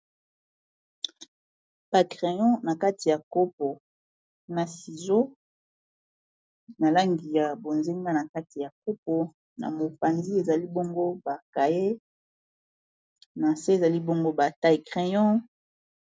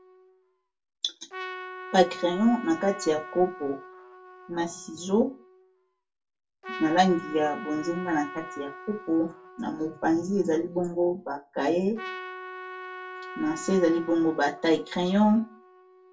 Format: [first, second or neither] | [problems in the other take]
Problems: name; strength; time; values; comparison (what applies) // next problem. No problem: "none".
first | background sound (Trumpet); 14 dB below the speech // room echo; dies away in 0.2 s